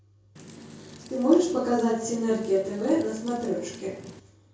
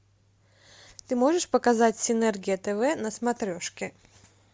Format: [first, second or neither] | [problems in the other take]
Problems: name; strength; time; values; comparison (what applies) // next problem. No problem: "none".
second | background sound (Wind); 18 dB below the speech // room echo; dies away in 0.6 s